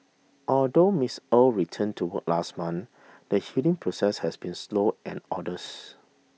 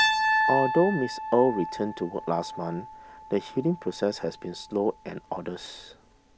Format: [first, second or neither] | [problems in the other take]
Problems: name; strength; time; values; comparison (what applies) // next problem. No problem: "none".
first | background sound (Piano); 3 dB below the speech